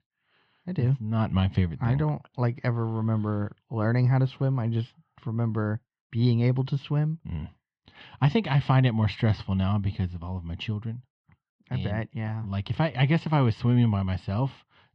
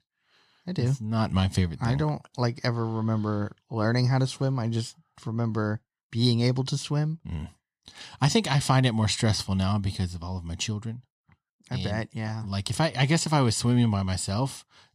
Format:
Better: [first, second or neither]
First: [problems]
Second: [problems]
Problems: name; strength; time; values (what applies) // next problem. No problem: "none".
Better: second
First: muffled; very; fading above 3 kHz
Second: none